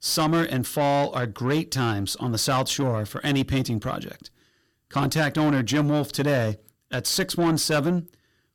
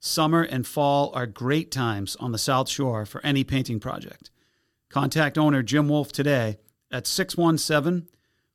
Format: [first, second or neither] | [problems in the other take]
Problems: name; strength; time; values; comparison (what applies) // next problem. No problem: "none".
second | distortion; slight; 10 dB below the speech